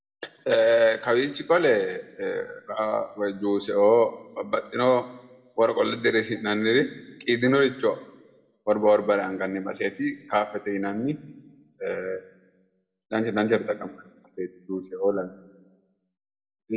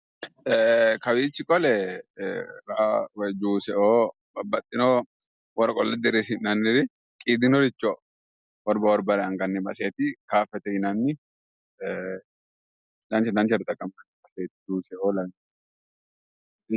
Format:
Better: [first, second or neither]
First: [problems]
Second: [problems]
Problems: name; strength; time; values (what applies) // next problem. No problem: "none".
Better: second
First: room echo; dies away in 0.9 s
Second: none